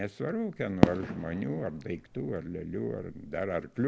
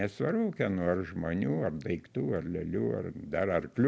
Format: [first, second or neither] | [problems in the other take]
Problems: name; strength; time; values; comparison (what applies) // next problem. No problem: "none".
second | background sound (Fireworks); 1 dB below the speech